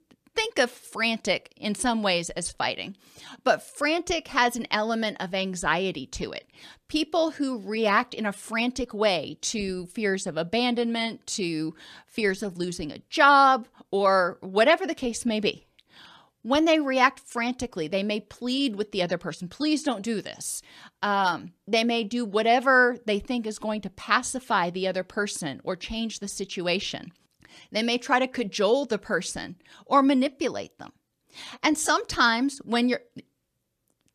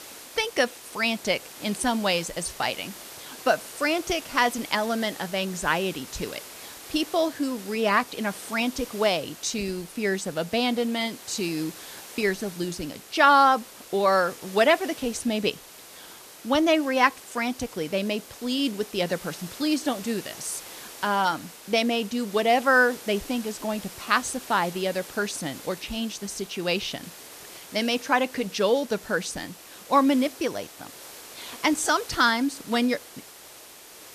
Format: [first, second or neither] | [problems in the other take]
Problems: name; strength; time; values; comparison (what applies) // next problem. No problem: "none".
first | hiss; noticeable; throughout; 15 dB below the speech